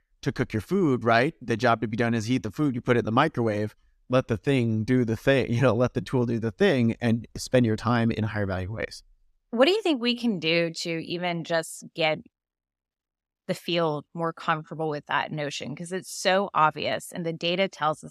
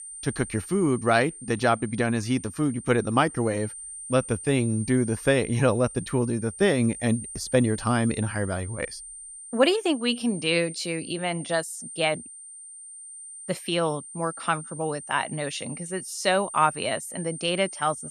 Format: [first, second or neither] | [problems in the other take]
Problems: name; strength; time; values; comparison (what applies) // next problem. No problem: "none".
first | high-pitched whine; noticeable; throughout; 9 kHz, 10 dB below the speech